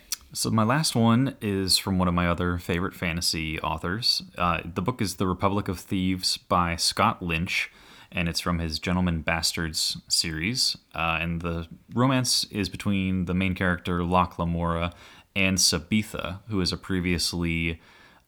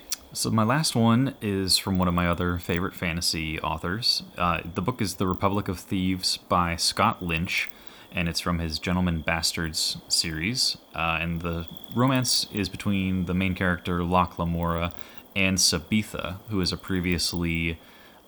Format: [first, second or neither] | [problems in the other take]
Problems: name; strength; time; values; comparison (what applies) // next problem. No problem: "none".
first | animal sounds; noticeable; throughout; 20 dB below the speech